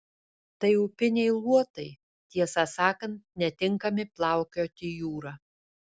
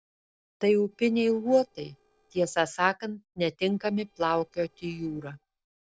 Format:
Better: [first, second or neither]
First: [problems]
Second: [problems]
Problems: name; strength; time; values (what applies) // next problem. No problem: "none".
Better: first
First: none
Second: noise reduction (neural separator model SepFormer DNS4)